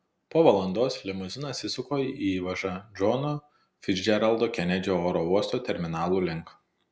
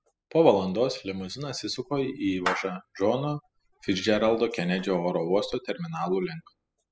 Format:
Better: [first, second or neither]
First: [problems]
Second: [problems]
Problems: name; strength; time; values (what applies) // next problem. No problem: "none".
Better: first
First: none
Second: noise reduction (classical method spectral subtraction)